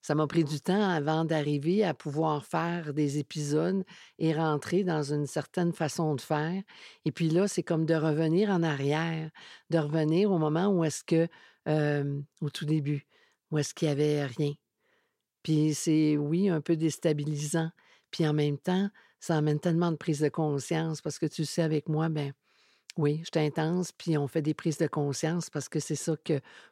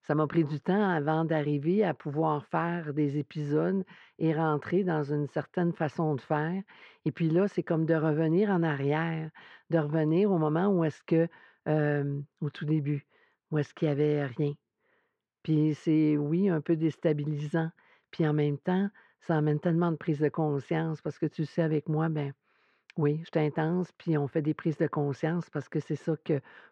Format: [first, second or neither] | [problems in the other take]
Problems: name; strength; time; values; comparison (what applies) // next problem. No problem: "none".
first | muffled; very; fading above 2 kHz